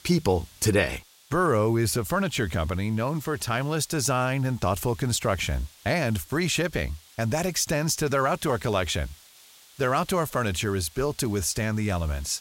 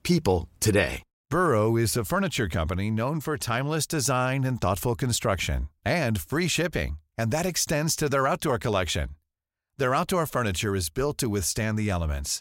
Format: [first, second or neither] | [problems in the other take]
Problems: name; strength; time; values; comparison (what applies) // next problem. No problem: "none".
second | hiss; faint; throughout; 25 dB below the speech